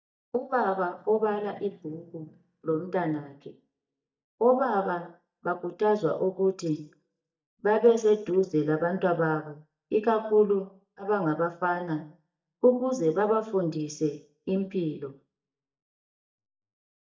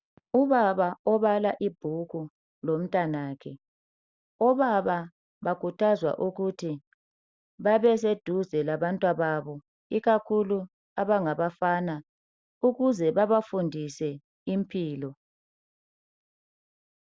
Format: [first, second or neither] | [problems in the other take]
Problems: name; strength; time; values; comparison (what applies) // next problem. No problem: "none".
second | noise reduction (neural mask model DeepFilterNet 3)